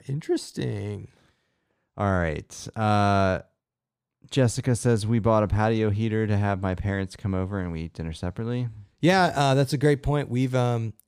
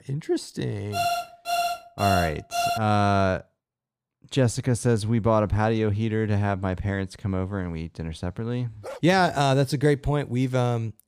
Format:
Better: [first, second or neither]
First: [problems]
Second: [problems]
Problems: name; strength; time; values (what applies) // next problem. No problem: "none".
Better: first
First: none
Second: alarm; noticeable; from 1 to 3 s; peak 1 dB below the speech // dog barking; faint; at 9 s; peak 15 dB below the speech